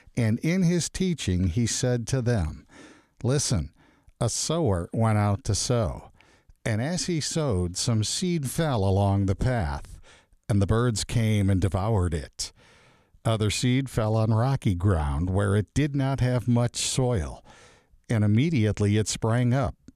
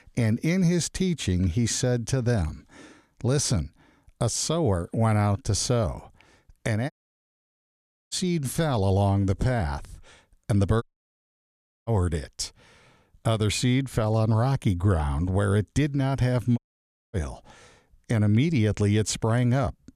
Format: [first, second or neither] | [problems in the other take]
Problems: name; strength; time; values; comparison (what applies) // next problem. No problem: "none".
first | audio cutting out; at 7 s for 1 s, at 11 s for 1 s and at 17 s for 0.5 s